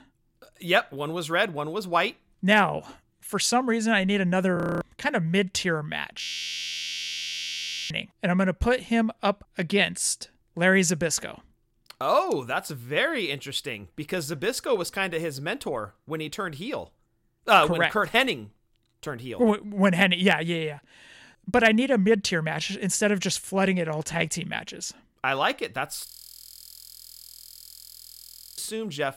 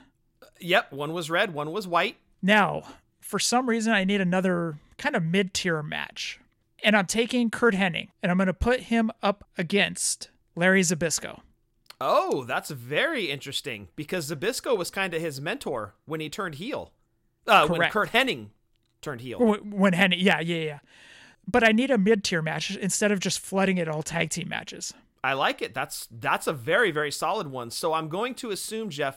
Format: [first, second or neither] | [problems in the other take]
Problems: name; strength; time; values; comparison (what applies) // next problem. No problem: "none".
second | audio freezing; at 4.5 s, at 6 s for 1.5 s and at 26 s for 2.5 s